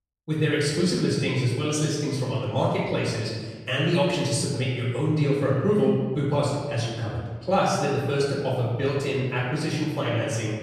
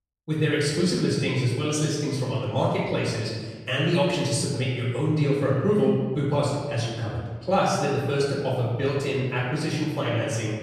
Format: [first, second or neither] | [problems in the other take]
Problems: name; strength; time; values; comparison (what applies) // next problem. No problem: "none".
neither | room echo; noticeable; dies away in 1.4 s; the same in both // off-mic speech; far; the same in both